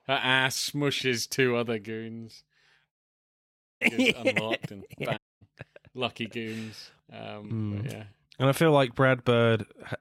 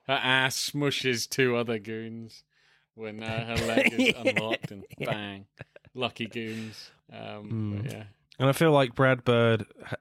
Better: second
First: audio cutting out; at 3 s for 1 s and at 5 s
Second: none

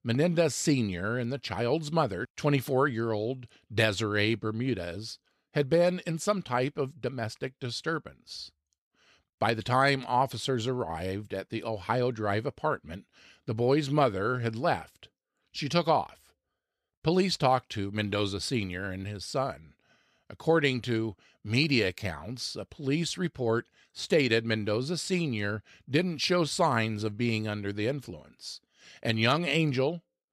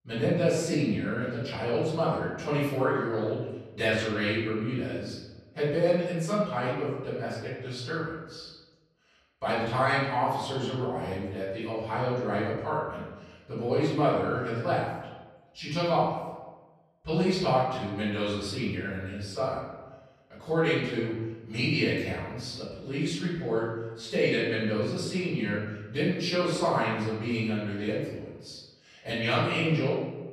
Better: first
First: none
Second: off-mic speech; far // room echo; noticeable; dies away in 1.1 s

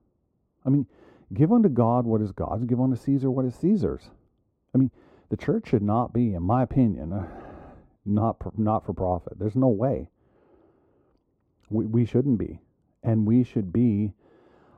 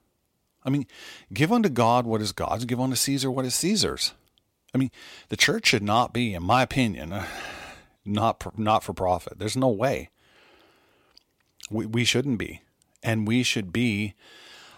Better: second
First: muffled; very; fading above 1.5 kHz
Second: none

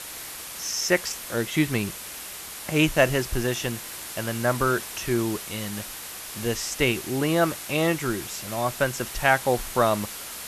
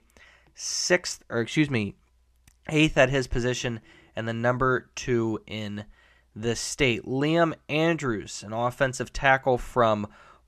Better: second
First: hiss; loud; throughout; 9 dB below the speech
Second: none

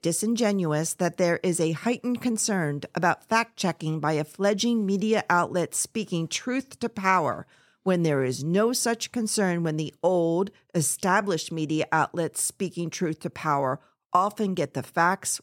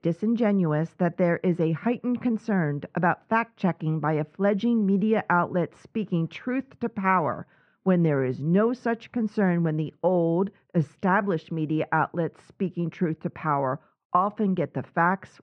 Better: first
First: none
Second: muffled; very; fading above 2 kHz

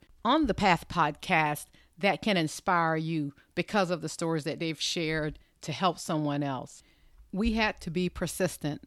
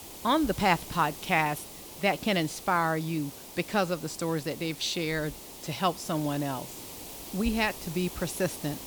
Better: first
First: none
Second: hiss; noticeable; throughout; 10 dB below the speech

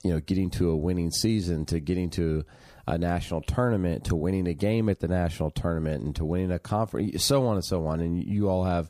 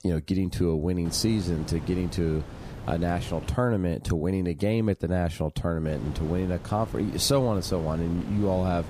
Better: first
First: none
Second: wind noise on the microphone; occasional gusts; from 1 to 3.5 s and from 6 s on; 15 dB below the speech

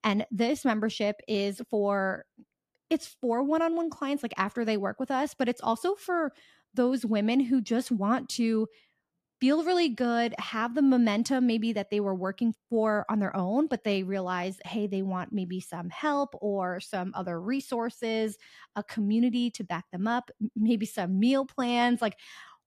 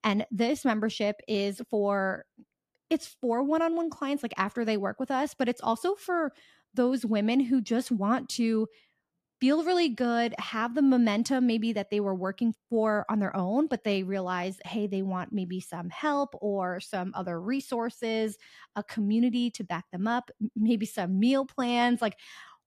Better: neither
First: none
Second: none

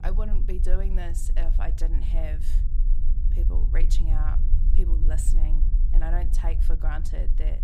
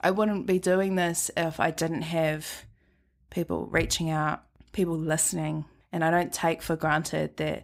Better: second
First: low rumble; loud; throughout; 8 dB below the speech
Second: none

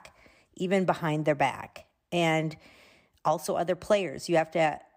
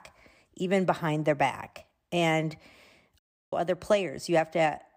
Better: first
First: none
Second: audio cutting out; at 3 s

